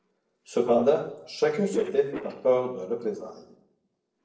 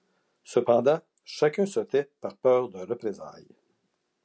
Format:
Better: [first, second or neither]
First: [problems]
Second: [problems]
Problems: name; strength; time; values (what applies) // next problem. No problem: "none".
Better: second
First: noise reduction (neural separator model SepFormer DNS4)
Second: none